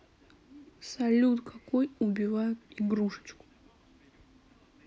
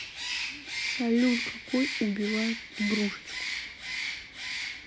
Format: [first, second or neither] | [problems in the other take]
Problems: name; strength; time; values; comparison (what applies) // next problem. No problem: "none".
first | background sound (Bird); 3 dB below the speech